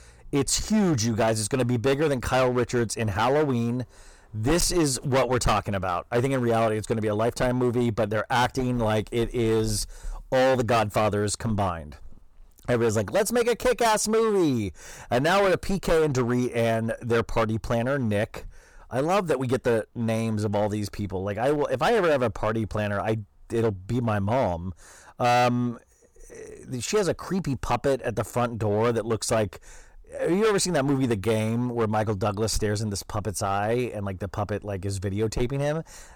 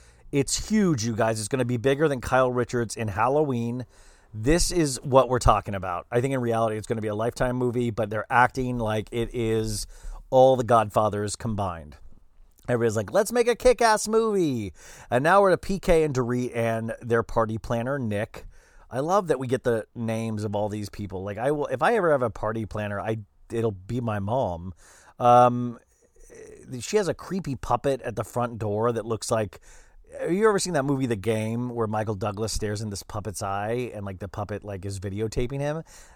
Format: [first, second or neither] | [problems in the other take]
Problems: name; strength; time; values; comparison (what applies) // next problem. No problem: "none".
second | distortion; heavy; 11% of the sound clipped